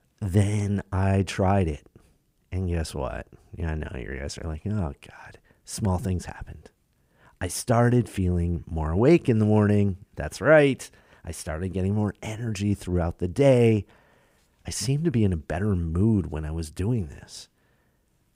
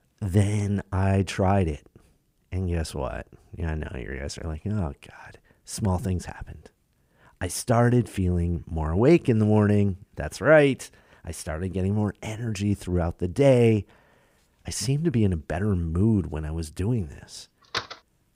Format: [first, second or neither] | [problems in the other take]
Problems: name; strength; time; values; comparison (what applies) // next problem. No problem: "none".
first | door banging; noticeable; at 18 s; peak 7 dB below the speech